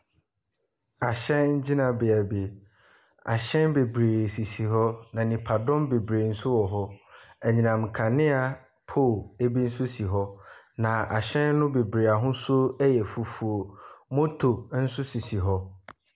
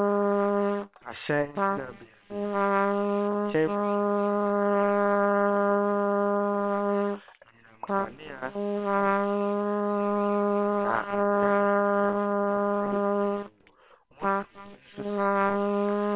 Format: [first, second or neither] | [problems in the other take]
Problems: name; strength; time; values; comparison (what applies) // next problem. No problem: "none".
first | noise reduction (neural separator model SepFormer WHAM!)